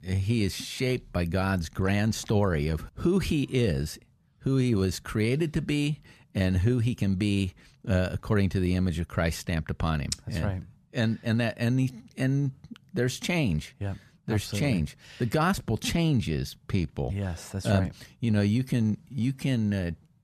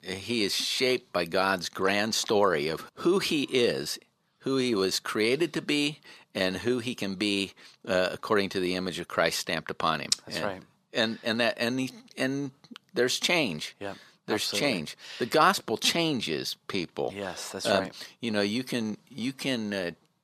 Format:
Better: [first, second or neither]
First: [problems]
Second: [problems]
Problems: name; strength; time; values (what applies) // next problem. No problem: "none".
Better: first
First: none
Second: thin; somewhat; fading below 400 Hz